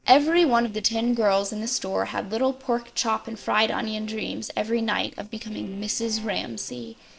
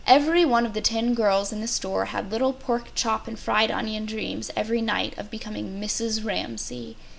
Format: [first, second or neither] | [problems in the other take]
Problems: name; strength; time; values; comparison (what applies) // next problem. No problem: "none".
second | noise reduction (neural separator model SepFormer DNS4)